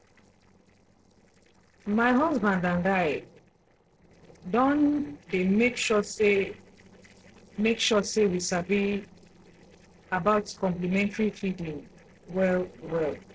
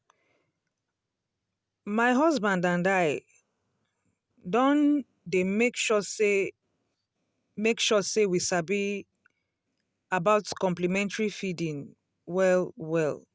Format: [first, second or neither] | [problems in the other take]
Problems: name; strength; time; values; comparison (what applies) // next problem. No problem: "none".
second | noise reduction (neural separator model SepFormer DNS4)